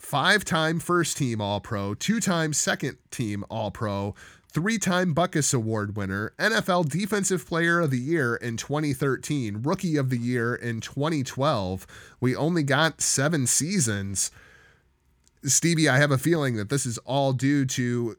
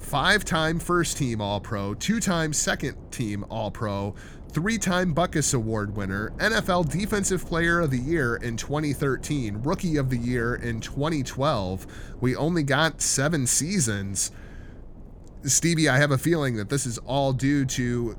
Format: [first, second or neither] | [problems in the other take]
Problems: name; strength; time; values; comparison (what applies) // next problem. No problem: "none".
first | wind noise on the microphone; occasional gusts; 25 dB below the speech